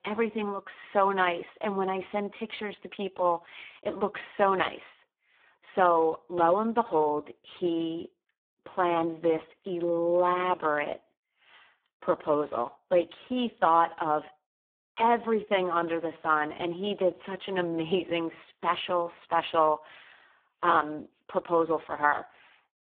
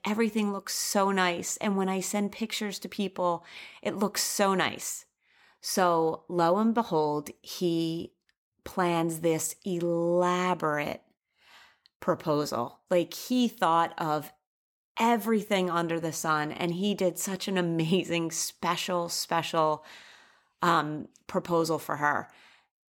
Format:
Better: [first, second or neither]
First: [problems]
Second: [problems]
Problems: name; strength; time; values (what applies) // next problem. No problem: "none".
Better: second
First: phone-call audio; poor line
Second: none